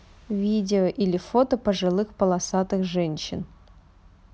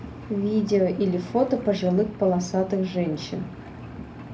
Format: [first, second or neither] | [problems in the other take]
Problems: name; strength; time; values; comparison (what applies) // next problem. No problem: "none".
first | background sound (Engine); 14 dB below the speech // room echo; dies away in 0.3 s